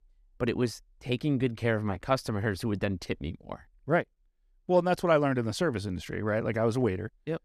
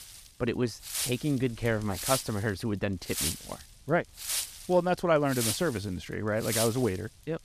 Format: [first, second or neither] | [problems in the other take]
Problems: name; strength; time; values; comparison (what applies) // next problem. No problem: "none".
first | wind noise on the microphone; heavy; 4 dB below the speech